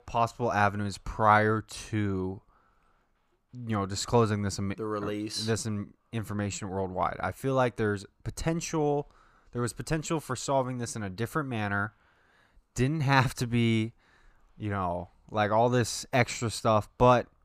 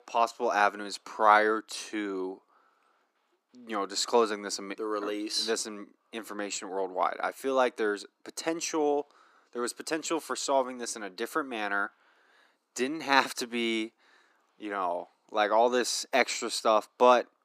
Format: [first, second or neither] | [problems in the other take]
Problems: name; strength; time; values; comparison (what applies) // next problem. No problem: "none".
first | thin; somewhat; fading below 300 Hz